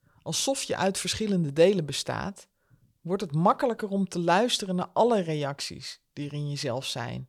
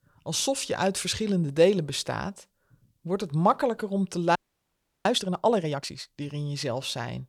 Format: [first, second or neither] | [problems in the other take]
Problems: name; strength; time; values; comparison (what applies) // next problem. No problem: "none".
first | audio freezing; at 4.5 s for 0.5 s